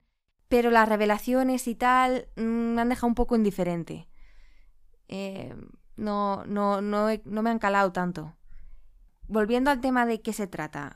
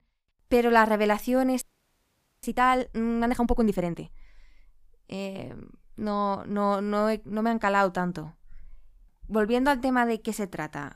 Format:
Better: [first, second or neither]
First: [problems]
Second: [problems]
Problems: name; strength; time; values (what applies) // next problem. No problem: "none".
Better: first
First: none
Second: audio freezing; at 1.5 s for 1 s